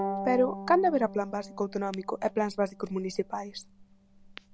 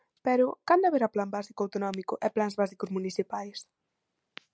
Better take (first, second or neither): second